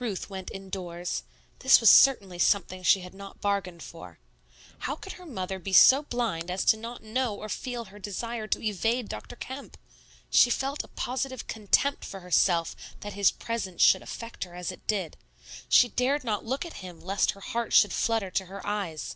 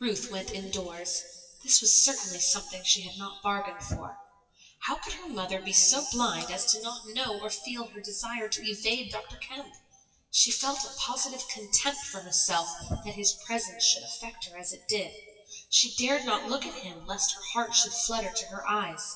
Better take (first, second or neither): first